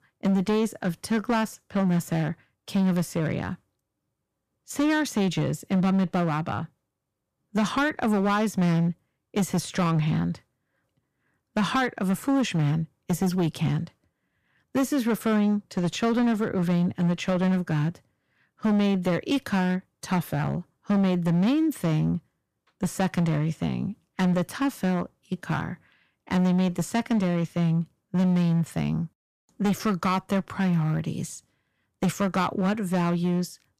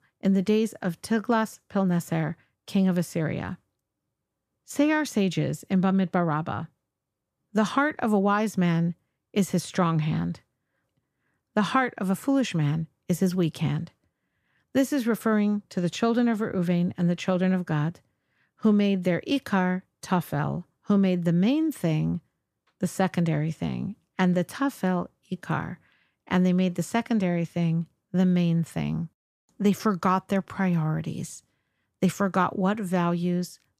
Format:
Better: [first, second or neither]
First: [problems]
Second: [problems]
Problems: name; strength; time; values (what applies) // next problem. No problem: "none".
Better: second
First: distortion; slight; 10% of the sound clipped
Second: none